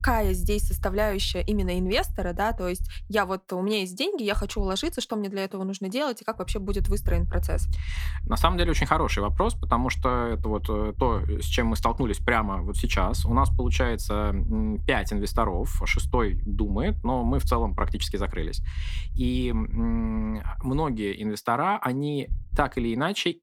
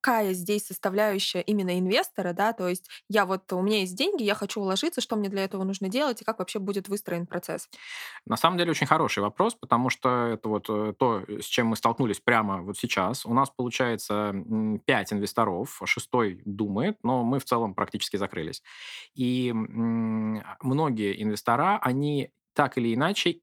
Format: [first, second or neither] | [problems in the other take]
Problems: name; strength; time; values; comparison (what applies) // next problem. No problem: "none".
second | low rumble; faint; throughout; 25 dB below the speech